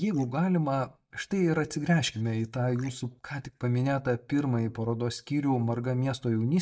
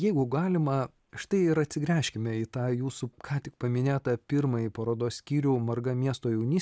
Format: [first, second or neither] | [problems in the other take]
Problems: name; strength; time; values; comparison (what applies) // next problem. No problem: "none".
second | noise reduction (neural mask model DeepFilterNet 3)